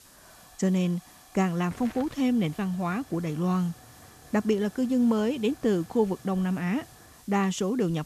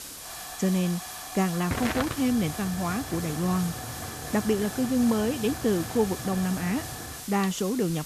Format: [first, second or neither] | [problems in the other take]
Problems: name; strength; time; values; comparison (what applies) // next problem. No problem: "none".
first | hiss; loud; throughout; 7 dB below the speech; faint in the first